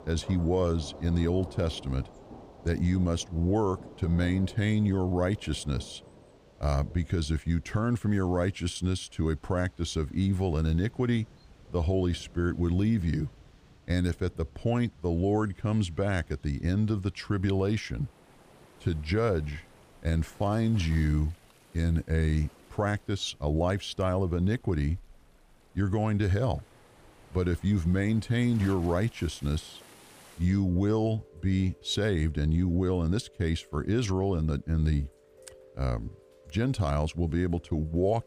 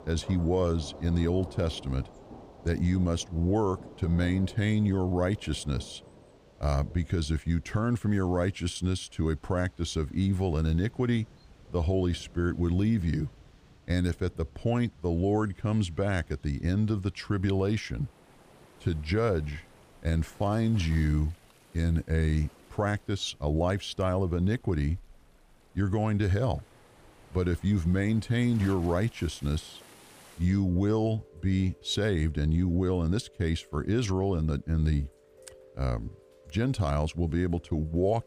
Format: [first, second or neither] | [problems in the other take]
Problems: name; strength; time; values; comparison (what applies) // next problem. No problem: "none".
neither | rain or running water; faint; throughout; 25 dB below the speech; the same in both